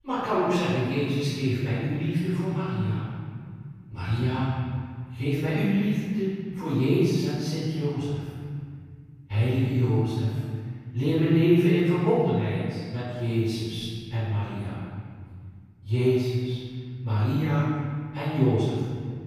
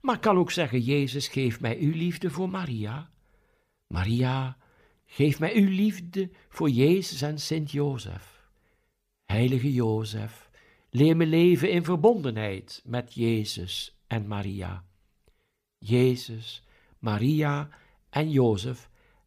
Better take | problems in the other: second | room echo; strong; dies away in 2.1 s // off-mic speech; far

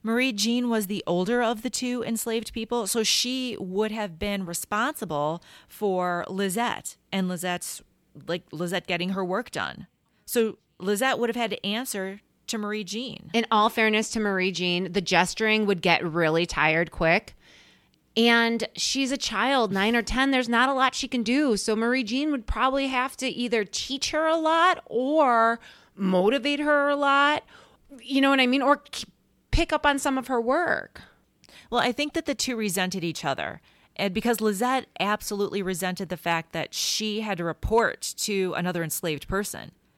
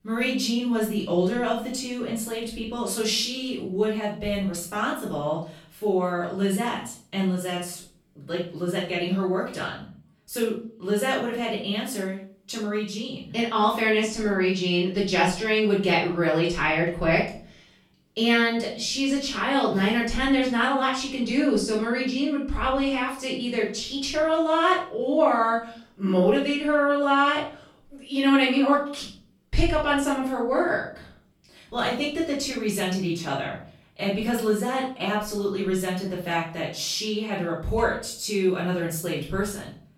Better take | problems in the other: first | off-mic speech; far // room echo; noticeable; dies away in 0.4 s

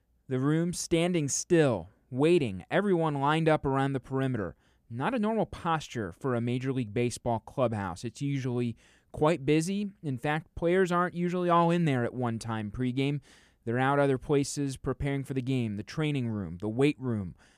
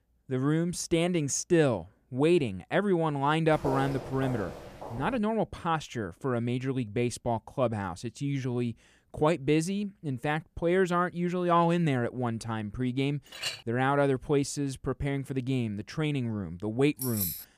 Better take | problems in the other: first | footsteps; noticeable; from 3.5 to 5 s; peak 6 dB below the speech // clattering dishes; noticeable; at 13 s; peak 6 dB below the speech // jangling keys; noticeable; at 17 s; peak 2 dB below the speech

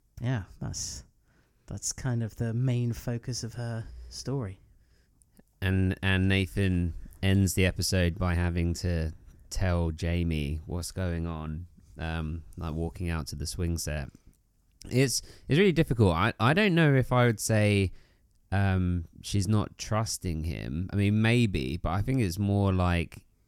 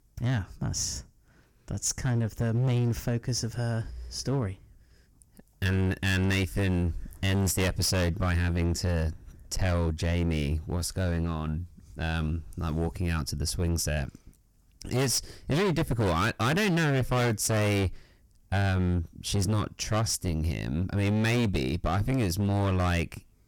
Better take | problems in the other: first | distortion; heavy; 19% of the sound clipped

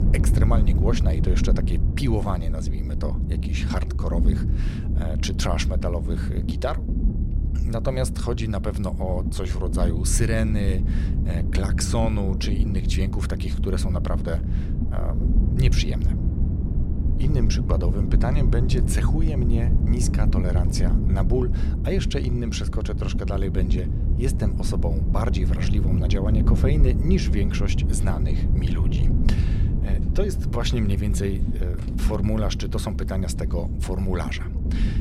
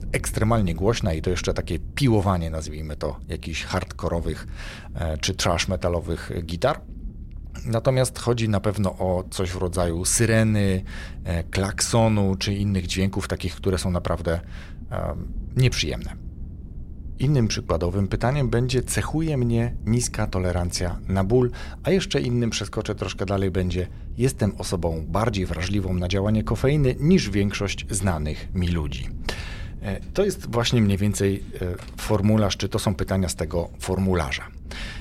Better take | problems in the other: second | low rumble; loud; throughout; 5 dB below the speech; faint in the second

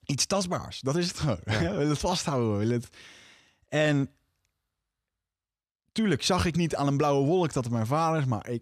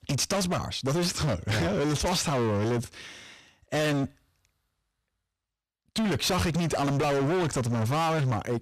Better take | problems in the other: first | distortion; heavy; 27% of the sound clipped

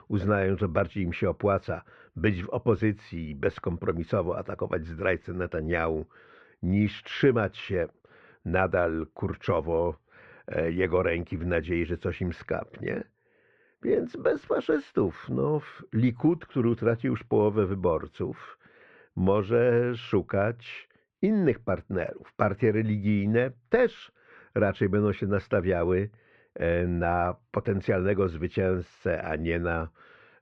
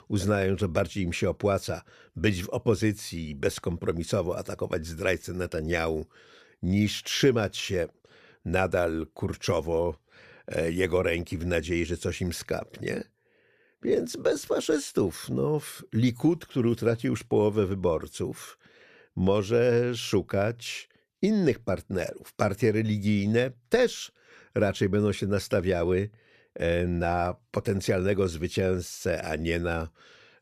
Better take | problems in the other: second | muffled; very; fading above 2.5 kHz

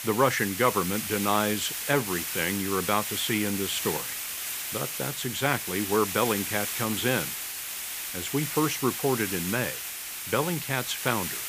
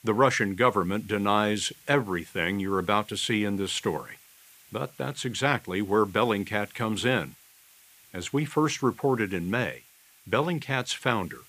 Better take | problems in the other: second | hiss; loud; throughout; 3 dB below the speech; faint in the second

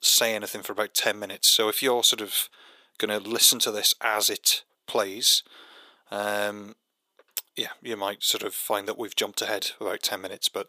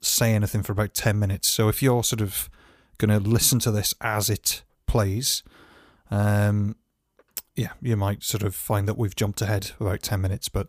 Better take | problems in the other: second | thin; very; fading below 400 Hz

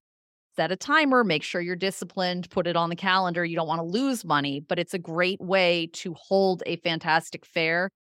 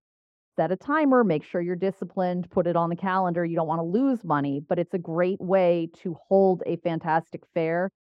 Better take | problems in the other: first | muffled; very; fading above 2 kHz

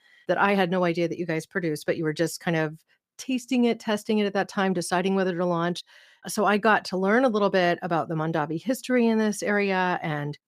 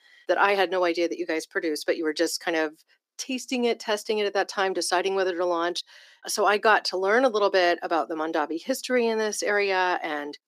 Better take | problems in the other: first | thin; somewhat; fading below 300 Hz

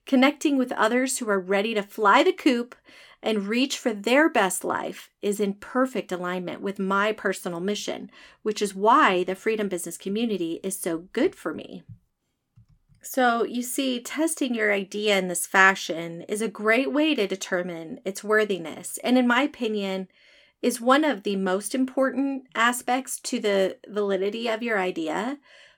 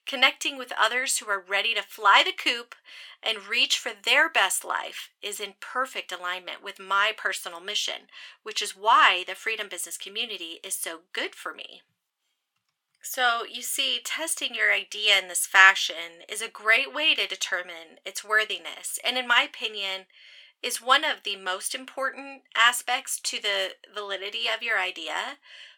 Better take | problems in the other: first | thin; very; fading below 950 Hz

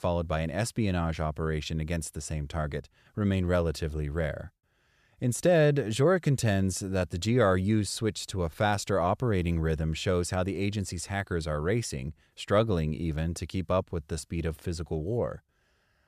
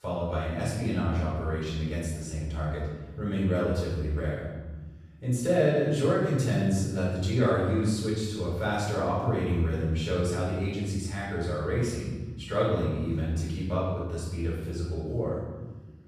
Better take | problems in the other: first | off-mic speech; far // room echo; strong; dies away in 1.3 s

